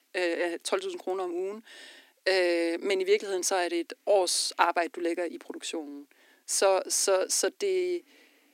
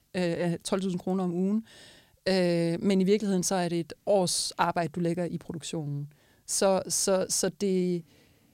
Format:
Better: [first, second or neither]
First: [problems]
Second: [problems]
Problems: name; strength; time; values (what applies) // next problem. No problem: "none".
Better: second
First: thin; very; fading below 250 Hz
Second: none